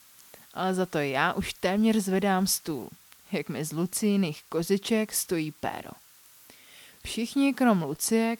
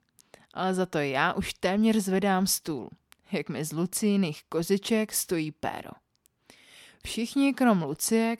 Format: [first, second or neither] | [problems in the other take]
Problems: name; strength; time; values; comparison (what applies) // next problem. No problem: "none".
second | hiss; faint; throughout; 25 dB below the speech